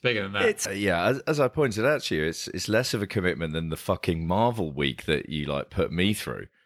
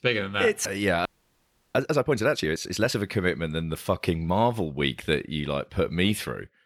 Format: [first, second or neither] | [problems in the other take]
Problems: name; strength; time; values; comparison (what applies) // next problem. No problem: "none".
first | audio freezing; at 1 s for 0.5 s